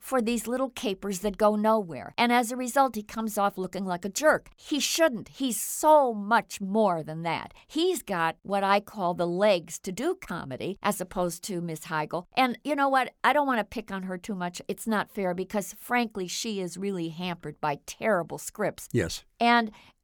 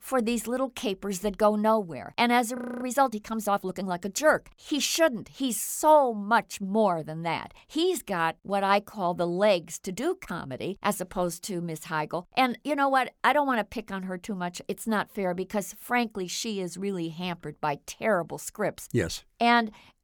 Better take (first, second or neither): first